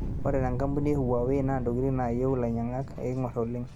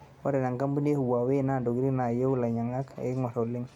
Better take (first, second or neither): second